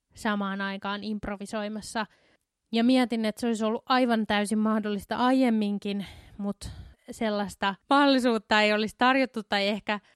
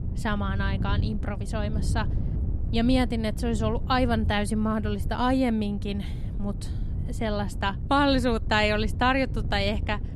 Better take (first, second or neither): first